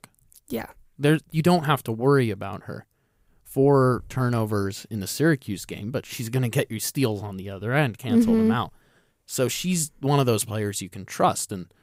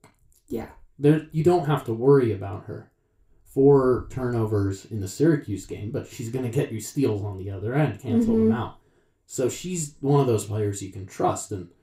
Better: first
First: none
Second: room echo; very slight; dies away in 0.3 s // off-mic speech; somewhat distant

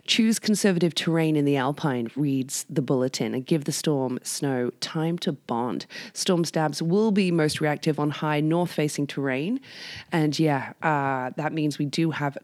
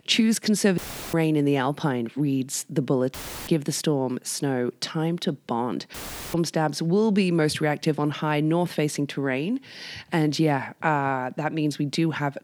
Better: first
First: none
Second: audio cutting out; filled with static; at 1 s, at 3 s and at 6 s

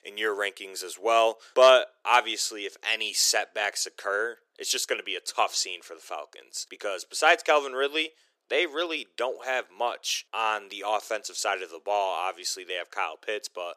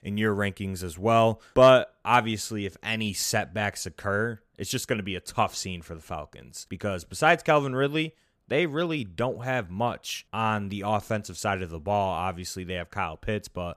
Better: second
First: thin; very; fading below 350 Hz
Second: none

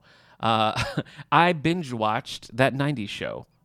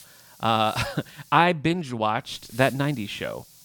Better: first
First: none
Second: hiss; faint; until 1.5 s and from 2.5 s on; 20 dB below the speech

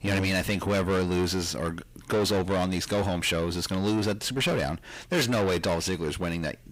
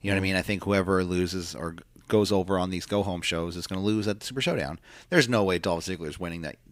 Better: second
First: distortion; heavy; 6 dB below the speech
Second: none

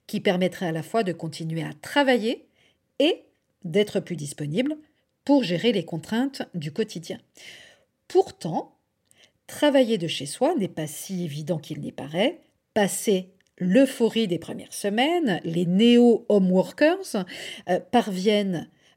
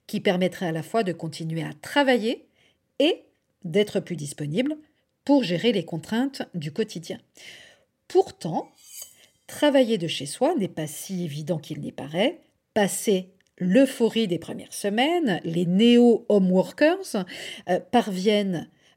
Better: first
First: none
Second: clattering dishes; faint; at 9 s; peak 15 dB below the speech

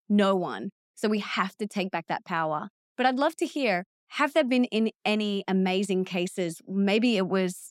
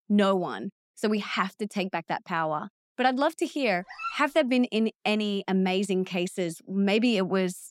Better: first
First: none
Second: dog barking; noticeable; at 4 s; peak 8 dB below the speech

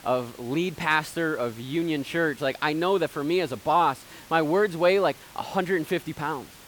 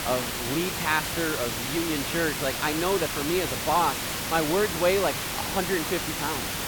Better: first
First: hiss; faint; throughout; 20 dB below the speech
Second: hiss; loud; throughout; 1 dB below the speech

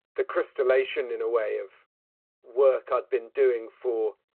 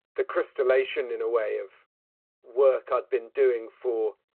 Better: neither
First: phone-call audio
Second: phone-call audio

